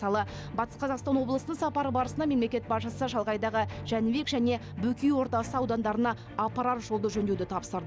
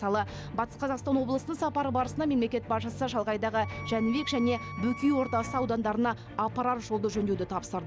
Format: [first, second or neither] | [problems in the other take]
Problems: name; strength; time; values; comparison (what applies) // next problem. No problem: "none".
first | background sound (Wind instrument, woodwind instrument); 15 dB below the speech